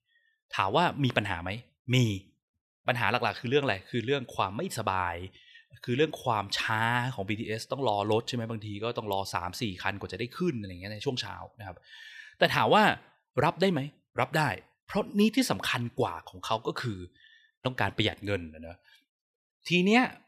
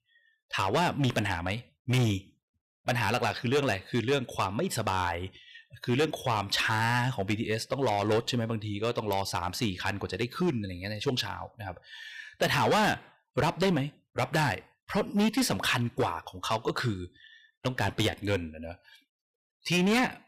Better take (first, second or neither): first